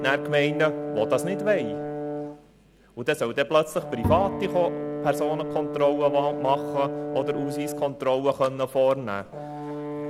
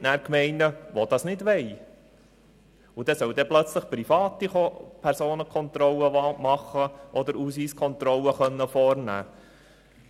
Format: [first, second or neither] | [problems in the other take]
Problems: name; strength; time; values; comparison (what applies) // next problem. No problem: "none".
second | background sound (Brass instrument + Bowed string instrument); 6 dB below the speech